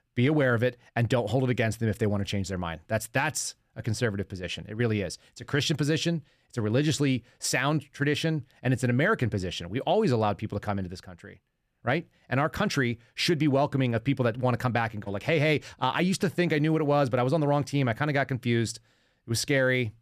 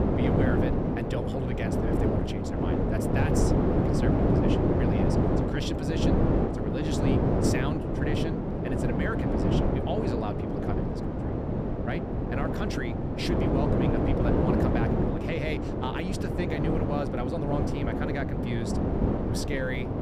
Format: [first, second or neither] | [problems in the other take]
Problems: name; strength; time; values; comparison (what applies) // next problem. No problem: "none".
first | wind noise on the microphone; heavy; 5 dB above the speech